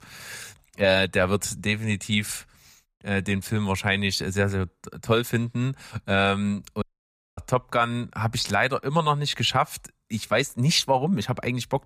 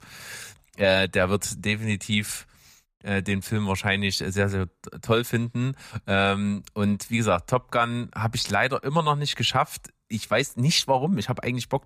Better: second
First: audio cutting out; at 7 s for 0.5 s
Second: none

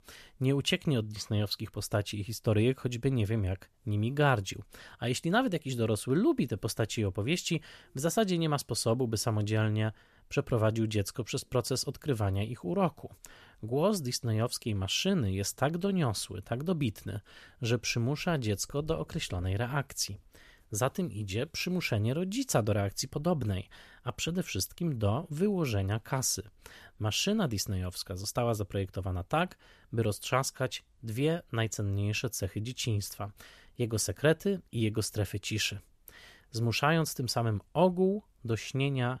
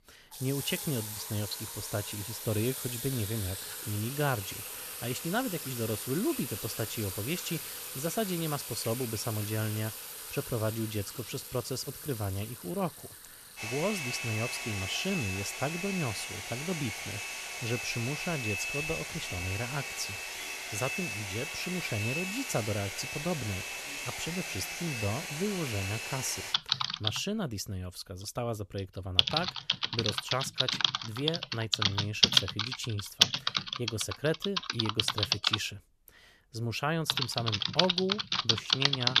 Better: first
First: none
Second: household noises; very loud; throughout; 2 dB above the speech

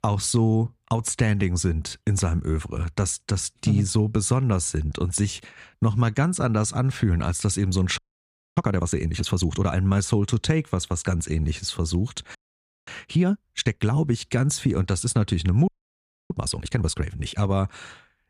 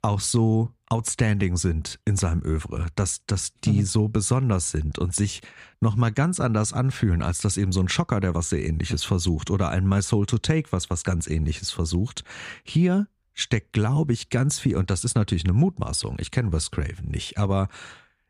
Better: second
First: audio freezing; at 8 s for 0.5 s, at 12 s for 0.5 s and at 16 s for 0.5 s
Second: none

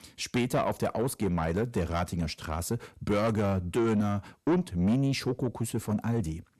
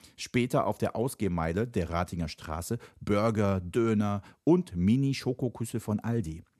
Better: second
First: distortion; slight; 10 dB below the speech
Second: none

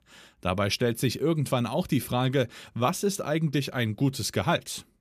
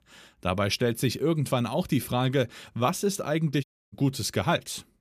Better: first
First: none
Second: audio cutting out; at 3.5 s

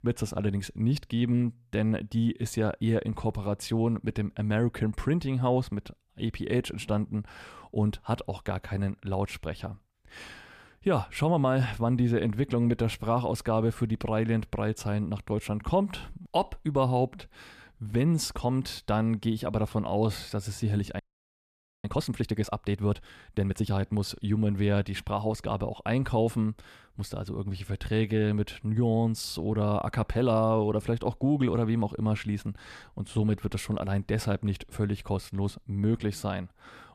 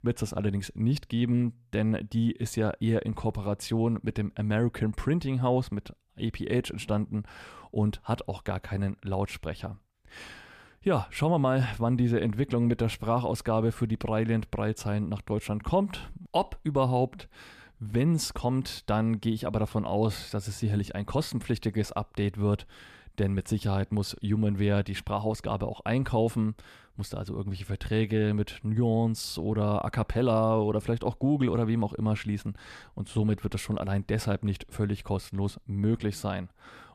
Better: second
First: audio freezing; at 21 s for 1 s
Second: none

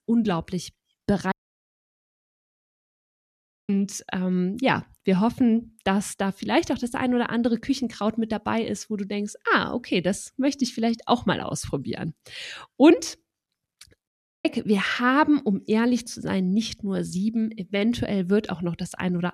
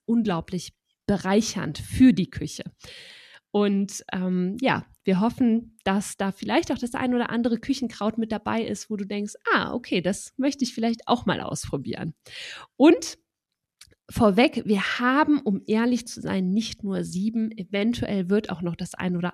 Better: second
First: audio cutting out; at 1.5 s for 2.5 s and at 14 s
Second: none

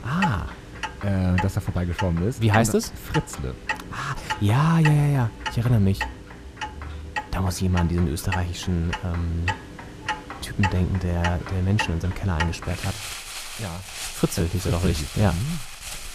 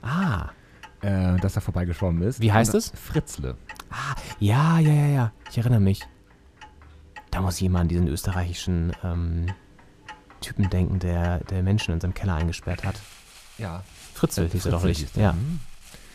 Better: second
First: household noises; loud; throughout; 8 dB below the speech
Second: household noises; faint; throughout; 20 dB below the speech

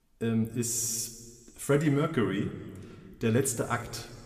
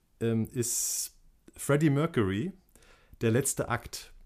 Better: second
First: room echo; very slight; dies away in 1.5 s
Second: none

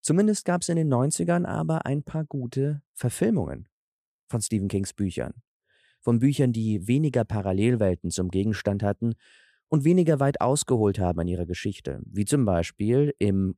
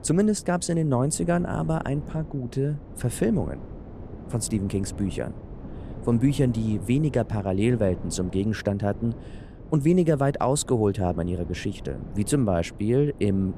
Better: first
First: none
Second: wind noise on the microphone; occasional gusts; 15 dB below the speech

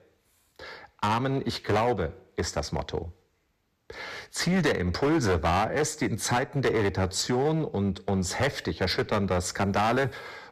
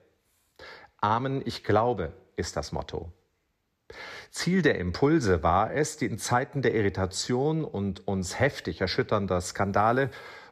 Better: second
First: distortion; heavy; 9% of the sound clipped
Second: none

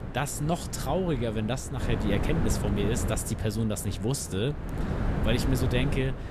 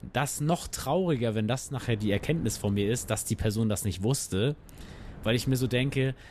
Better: second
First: wind noise on the microphone; heavy; 6 dB below the speech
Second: wind noise on the microphone; occasional gusts; 25 dB below the speech

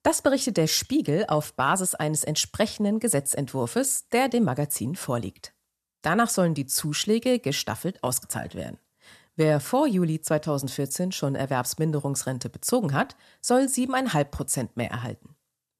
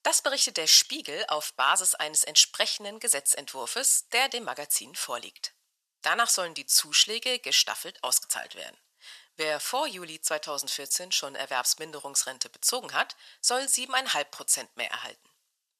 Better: first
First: none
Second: thin; very; fading below 850 Hz

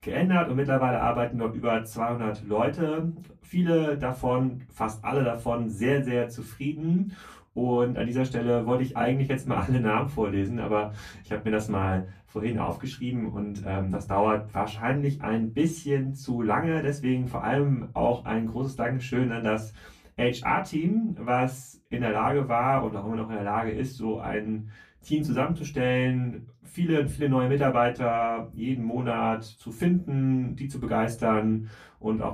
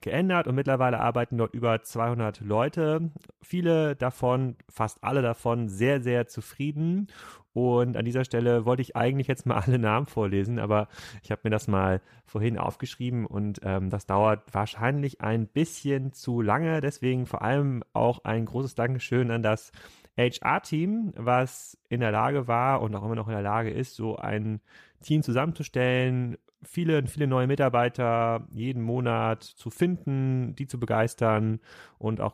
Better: second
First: off-mic speech; far // room echo; very slight; dies away in 0.2 s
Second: none

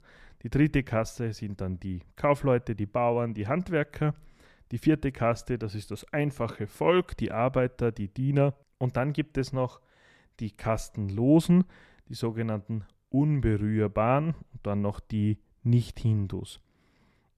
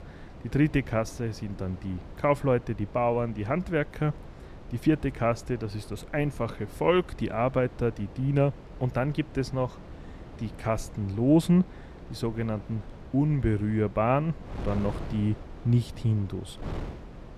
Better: first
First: none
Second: wind noise on the microphone; occasional gusts; 20 dB below the speech

